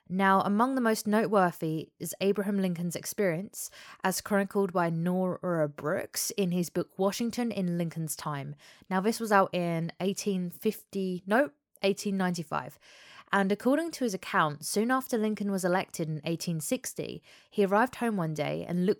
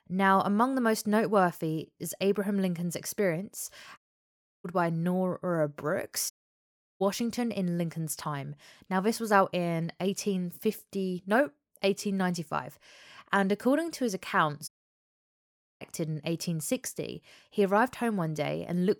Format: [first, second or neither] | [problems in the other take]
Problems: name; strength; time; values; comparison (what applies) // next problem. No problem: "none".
first | audio cutting out; at 4 s for 0.5 s, at 6.5 s for 0.5 s and at 15 s for 1 s